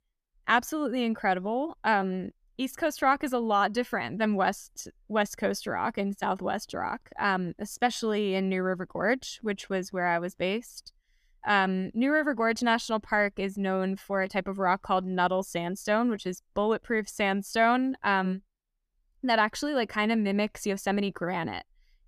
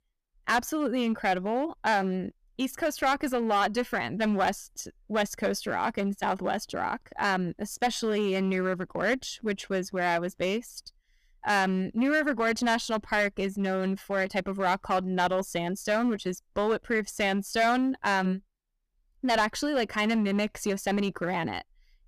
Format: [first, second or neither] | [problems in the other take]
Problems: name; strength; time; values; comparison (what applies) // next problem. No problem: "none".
first | distortion; slight; 6% of the sound clipped